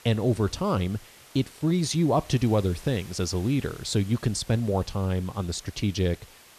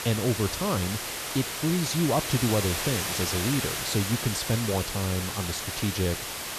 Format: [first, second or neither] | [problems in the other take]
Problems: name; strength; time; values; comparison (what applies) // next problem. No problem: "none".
first | hiss; loud; throughout; 1 dB below the speech; faint in the first